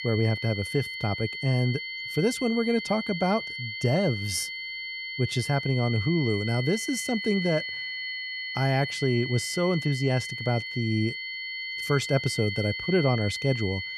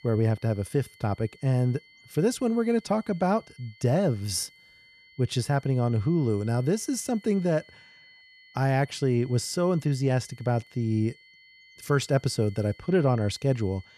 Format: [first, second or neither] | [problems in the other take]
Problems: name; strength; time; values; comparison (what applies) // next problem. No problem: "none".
second | high-pitched whine; loud; throughout; 2 kHz, 5 dB below the speech; faint in the second